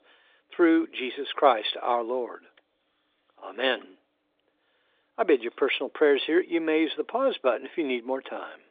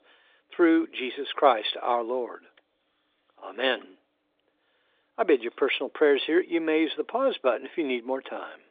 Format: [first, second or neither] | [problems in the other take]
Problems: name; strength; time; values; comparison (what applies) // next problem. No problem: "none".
neither | phone-call audio; the same in both